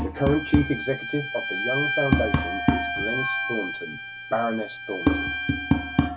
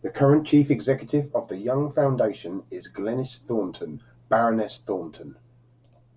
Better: second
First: background sound (Tap + Bowed string instrument); 3 dB above the speech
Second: none

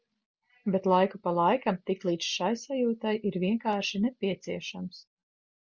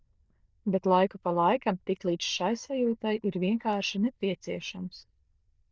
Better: first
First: none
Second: noise reduction (neural diffusion model UNIVERSE++)

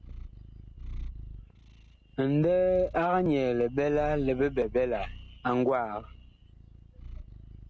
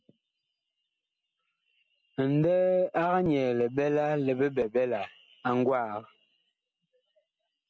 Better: second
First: background sound (Purr); 14 dB below the speech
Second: none

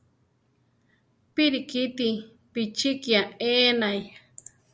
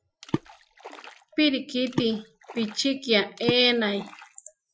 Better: first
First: none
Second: noise reduction (classical method Wiener filter)

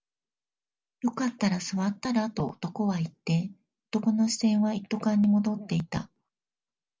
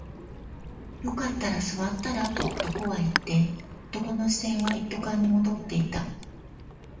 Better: first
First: none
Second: background sound (Ocean); 9 dB below the speech // room echo; dies away in 0.8 s

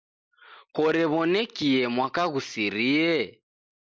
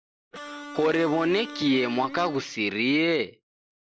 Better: first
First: none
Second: background sound (Electric guitar); 14 dB below the speech

